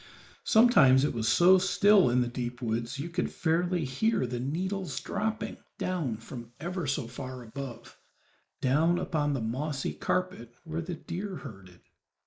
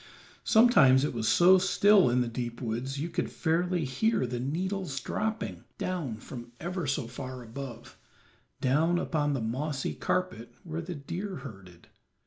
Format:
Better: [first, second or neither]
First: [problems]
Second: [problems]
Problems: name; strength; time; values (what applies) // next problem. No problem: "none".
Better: second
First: noise reduction (neural mask model Resemble Enhance denoiser)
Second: none